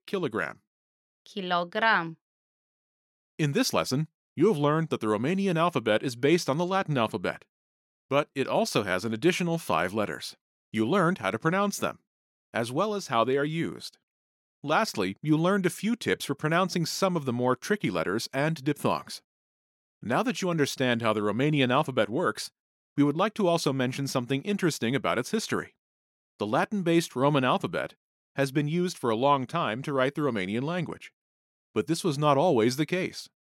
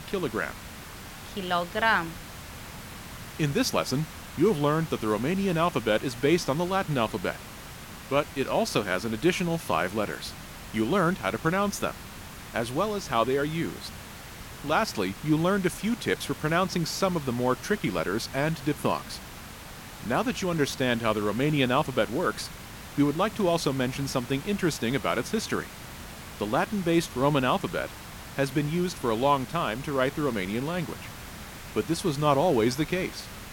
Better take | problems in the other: first | hiss; noticeable; throughout; 15 dB below the speech

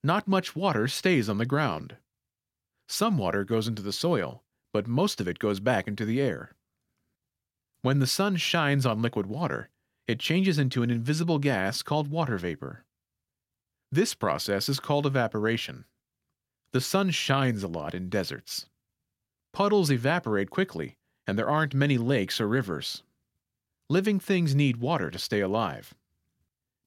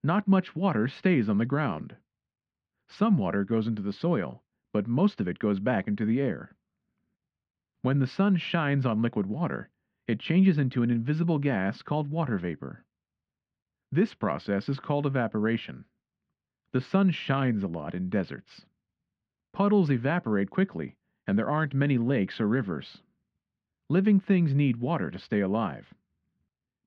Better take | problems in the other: first | muffled; very; fading above 2.5 kHz

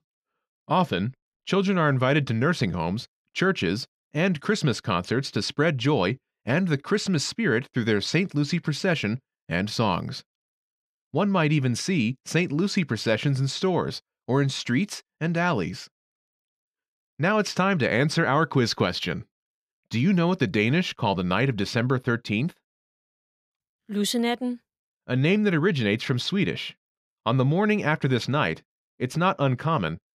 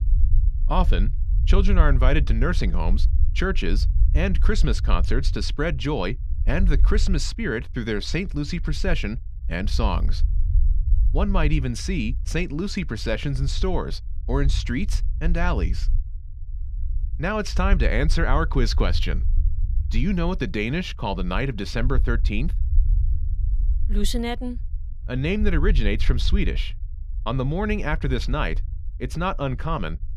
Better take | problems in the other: first | low rumble; noticeable; throughout; 20 dB below the speech

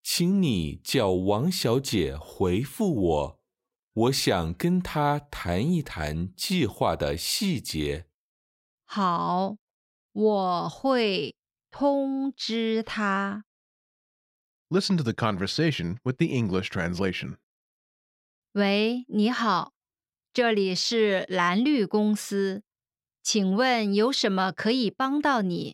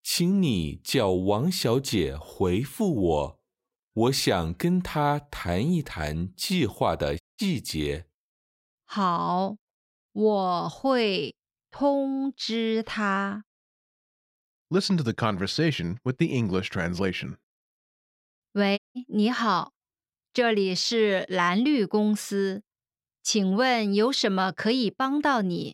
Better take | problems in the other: first | audio cutting out; at 7 s and at 19 s

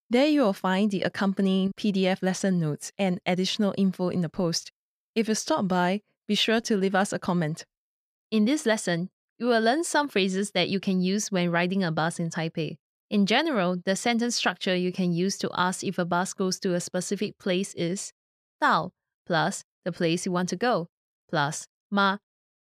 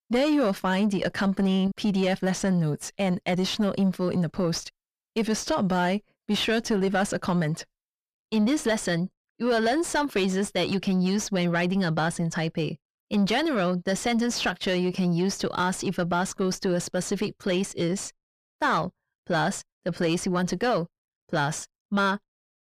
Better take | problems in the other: first | distortion; slight; 9 dB below the speech

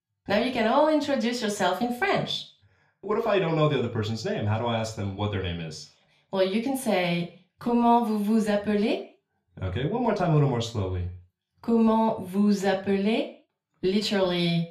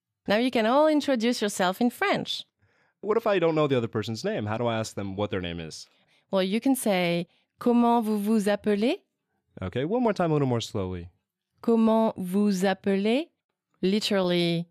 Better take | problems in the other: second | room echo; very slight; dies away in 0.3 s // off-mic speech; somewhat distant

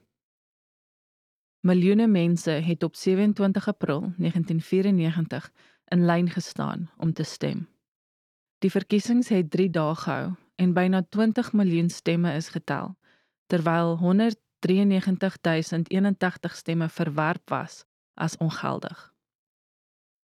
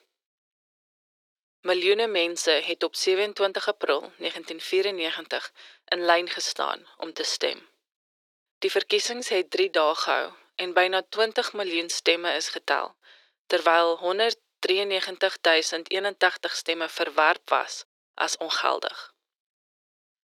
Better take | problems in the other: first | thin; very; fading below 400 Hz

